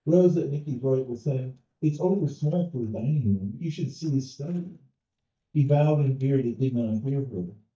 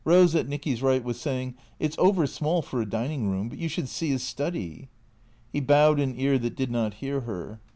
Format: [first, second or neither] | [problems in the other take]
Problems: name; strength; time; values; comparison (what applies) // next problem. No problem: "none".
second | noise reduction (neural mask model DeepFilterNet 3)